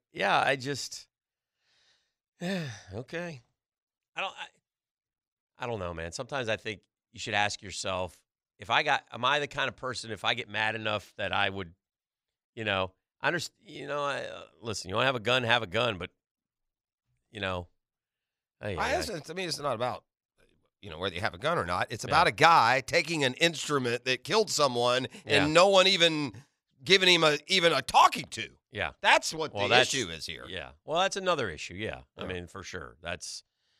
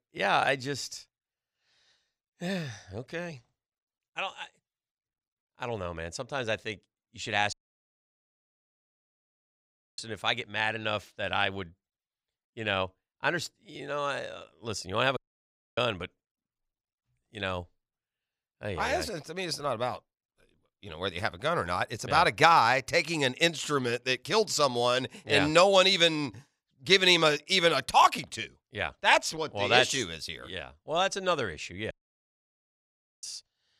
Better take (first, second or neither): first